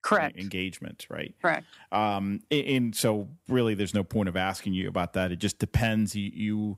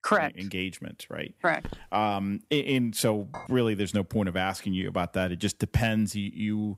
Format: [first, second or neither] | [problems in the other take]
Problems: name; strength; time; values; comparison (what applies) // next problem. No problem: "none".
first | footsteps; faint; at 1.5 s; peak 15 dB below the speech // clattering dishes; faint; at 3.5 s; peak 15 dB below the speech